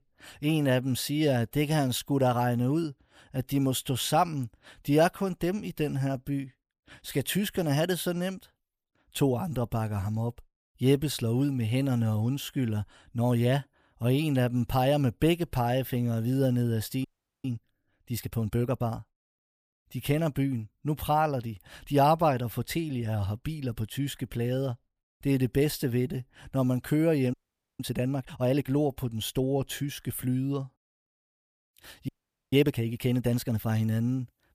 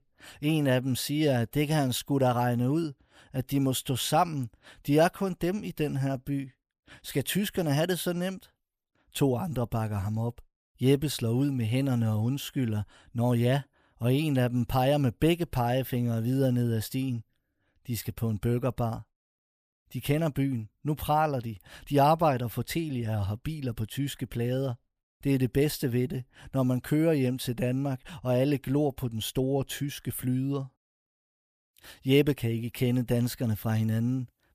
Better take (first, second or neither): second